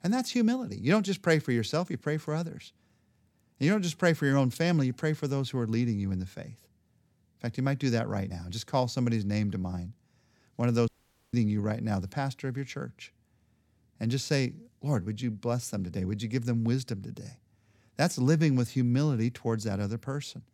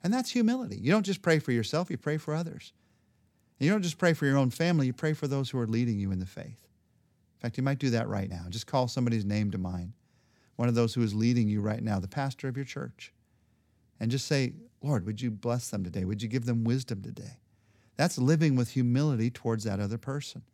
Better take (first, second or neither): second